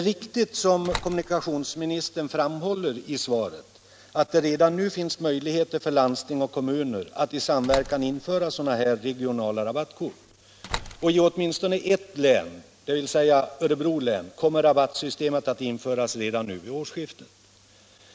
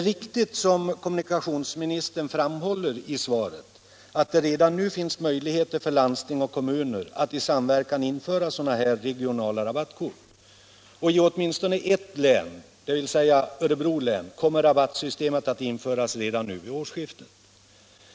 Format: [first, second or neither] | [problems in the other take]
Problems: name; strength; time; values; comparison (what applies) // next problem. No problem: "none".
second | background sound (Slam); 14 dB below the speech